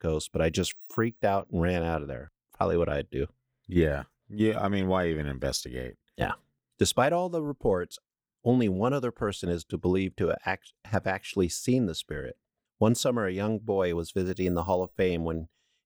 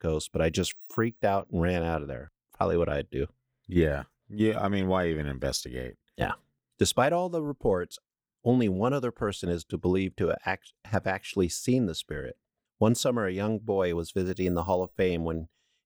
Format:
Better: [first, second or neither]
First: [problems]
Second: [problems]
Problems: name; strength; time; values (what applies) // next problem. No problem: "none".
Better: neither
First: none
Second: none